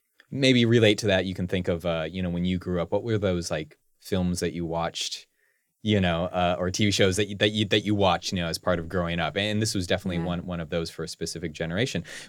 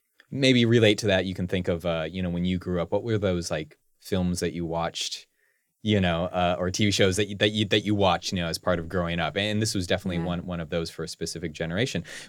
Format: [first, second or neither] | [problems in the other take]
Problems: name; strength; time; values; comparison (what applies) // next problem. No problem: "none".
neither | none